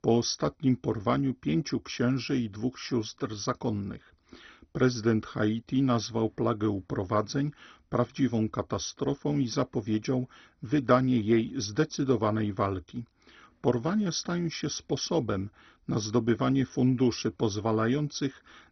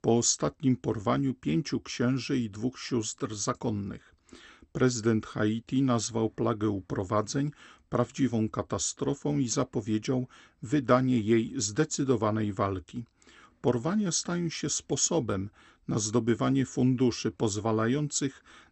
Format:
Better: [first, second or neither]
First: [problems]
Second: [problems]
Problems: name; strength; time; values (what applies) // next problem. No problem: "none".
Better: second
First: garbled, watery; badly; nothing above 6 kHz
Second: garbled, watery; slightly; nothing above 8 kHz